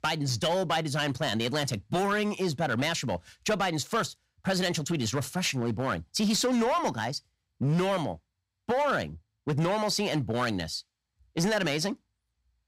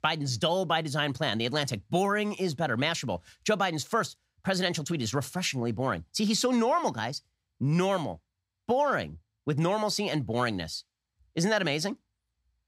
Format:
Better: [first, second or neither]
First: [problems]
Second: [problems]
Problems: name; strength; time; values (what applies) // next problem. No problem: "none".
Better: second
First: distortion; slight; 8% of the sound clipped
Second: none